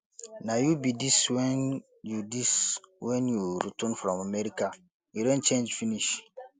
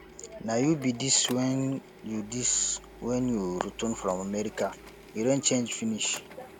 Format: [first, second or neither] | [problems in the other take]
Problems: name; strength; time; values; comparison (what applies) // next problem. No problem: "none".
first | background sound (Printer); 18 dB below the speech